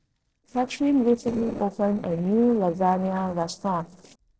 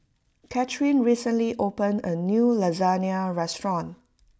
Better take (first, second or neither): second